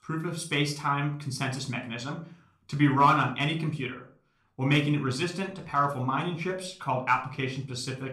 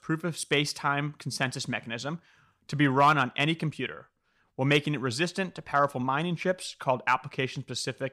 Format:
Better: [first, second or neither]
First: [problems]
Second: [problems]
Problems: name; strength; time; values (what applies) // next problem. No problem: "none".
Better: second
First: room echo; slight; dies away in 0.3 s // off-mic speech; somewhat distant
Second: none